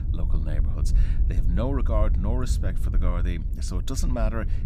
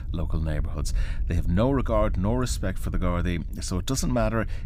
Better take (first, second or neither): second